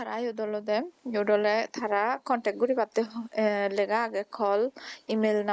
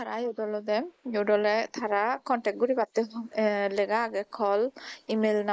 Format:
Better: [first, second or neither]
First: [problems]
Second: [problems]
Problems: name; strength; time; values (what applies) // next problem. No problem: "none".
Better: first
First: none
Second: noise reduction (neural mask model Resemble Enhance denoiser)